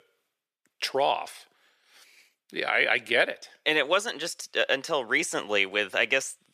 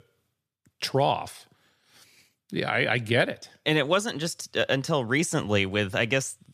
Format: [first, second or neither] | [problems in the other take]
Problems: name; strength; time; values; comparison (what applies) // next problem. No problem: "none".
second | thin; somewhat; fading below 450 Hz